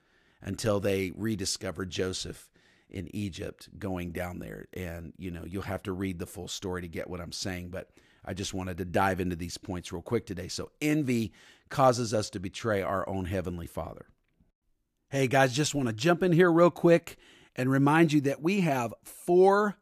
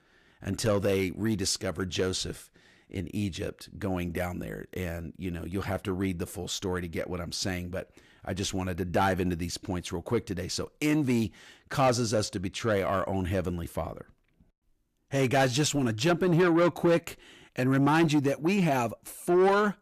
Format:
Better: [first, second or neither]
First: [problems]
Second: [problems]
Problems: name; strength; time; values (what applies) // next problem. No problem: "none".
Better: first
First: none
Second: distortion; slight; 10 dB below the speech